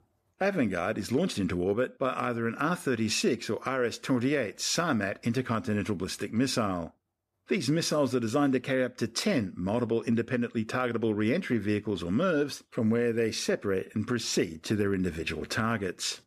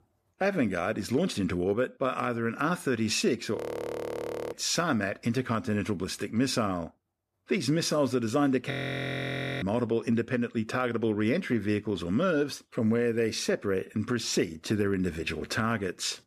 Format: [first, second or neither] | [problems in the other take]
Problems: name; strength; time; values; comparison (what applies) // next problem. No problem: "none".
first | audio freezing; at 3.5 s for 1 s and at 8.5 s for 1 s